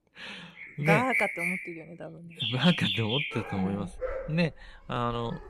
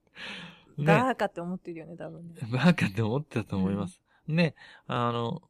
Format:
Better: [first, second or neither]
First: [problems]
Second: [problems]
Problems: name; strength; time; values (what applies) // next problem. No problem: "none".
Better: second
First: animal sounds; loud; throughout; 1 dB below the speech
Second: none